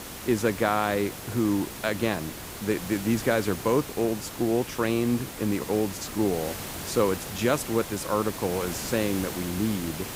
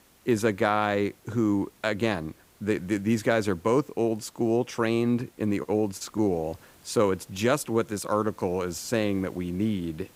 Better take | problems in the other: second | hiss; loud; throughout; 9 dB below the speech; faint in the second

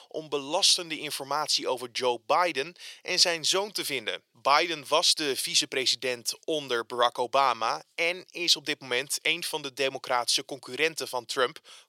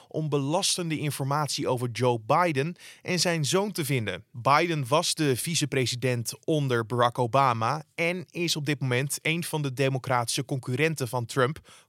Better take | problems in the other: second | thin; very; fading below 450 Hz

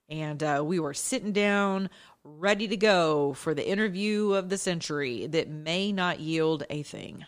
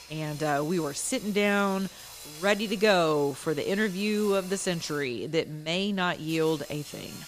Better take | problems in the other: first | machinery noise; noticeable; throughout; 15 dB below the speech

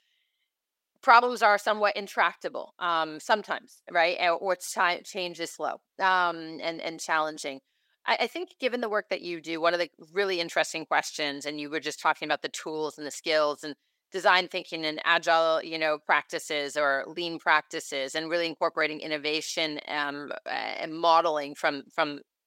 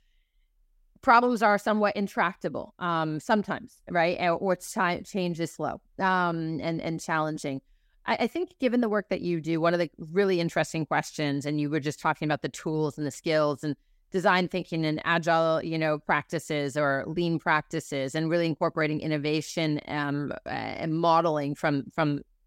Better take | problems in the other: second | thin; somewhat; fading below 500 Hz

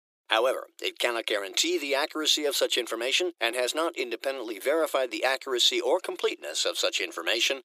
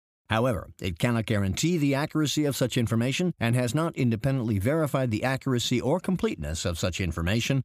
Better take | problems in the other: second | thin; very; fading below 350 Hz

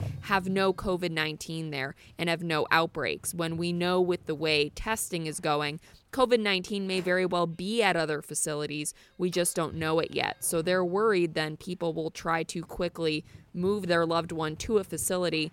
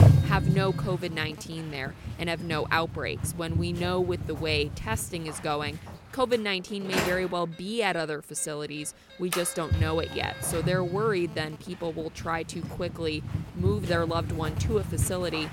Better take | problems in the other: first | household noises; loud; throughout; 2 dB below the speech; faint in the first

